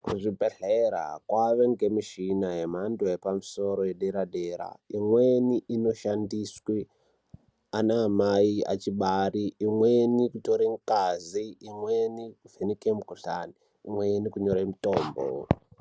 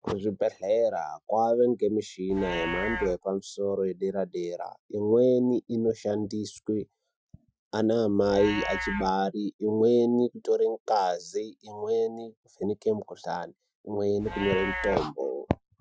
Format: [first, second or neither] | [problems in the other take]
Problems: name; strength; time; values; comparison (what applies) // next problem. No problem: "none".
first | noise reduction (classical method Wiener filter)